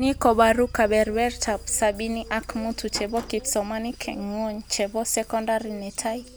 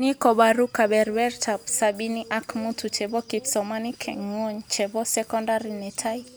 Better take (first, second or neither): second